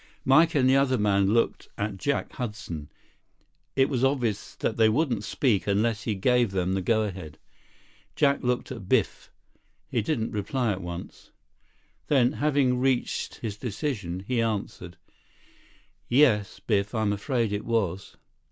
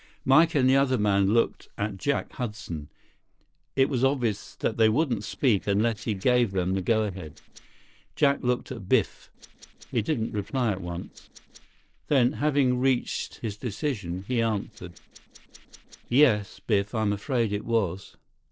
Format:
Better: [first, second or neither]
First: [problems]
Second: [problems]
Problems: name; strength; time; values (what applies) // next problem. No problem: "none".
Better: first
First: none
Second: noise reduction (neural separator model SepFormer DNS4)